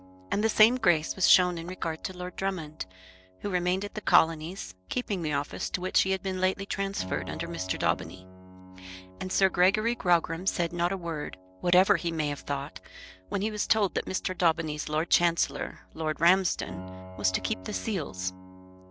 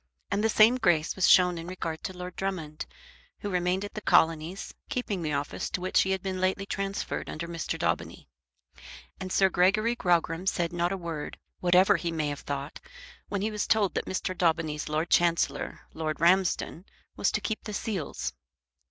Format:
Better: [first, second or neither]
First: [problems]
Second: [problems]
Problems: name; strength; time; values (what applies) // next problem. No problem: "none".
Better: second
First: background sound (Piano); 19 dB below the speech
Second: none